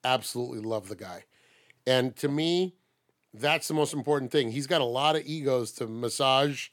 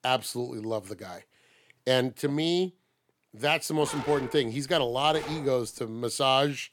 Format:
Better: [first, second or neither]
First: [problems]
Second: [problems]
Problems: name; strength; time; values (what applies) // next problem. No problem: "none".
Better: first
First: none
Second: dog barking; noticeable; from 4 to 5.5 s; peak 9 dB below the speech